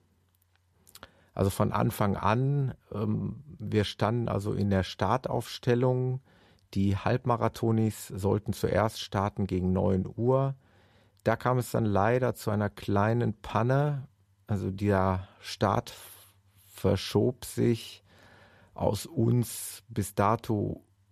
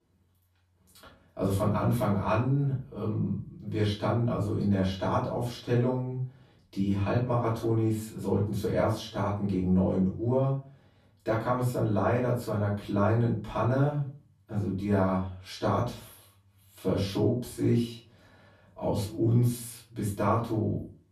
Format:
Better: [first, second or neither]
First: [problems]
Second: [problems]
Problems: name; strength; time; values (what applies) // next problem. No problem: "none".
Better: first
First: none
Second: off-mic speech; far // room echo; slight; dies away in 0.3 s